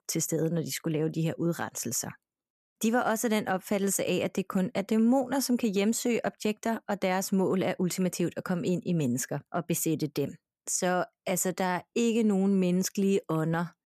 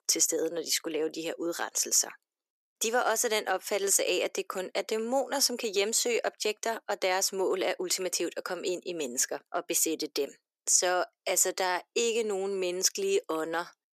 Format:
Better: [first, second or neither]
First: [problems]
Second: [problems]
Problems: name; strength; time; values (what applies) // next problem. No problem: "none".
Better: first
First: none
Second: thin; very; fading below 350 Hz